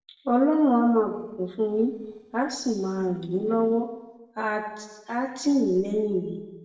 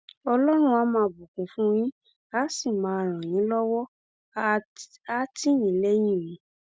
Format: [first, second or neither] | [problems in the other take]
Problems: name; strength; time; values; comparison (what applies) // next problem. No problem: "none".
second | noise reduction (neural separator model SepFormer DNS4)